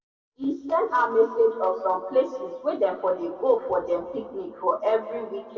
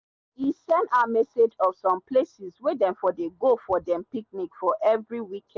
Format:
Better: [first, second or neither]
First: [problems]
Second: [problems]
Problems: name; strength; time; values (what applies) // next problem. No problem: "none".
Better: second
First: room echo; dies away in 1.8 s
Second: none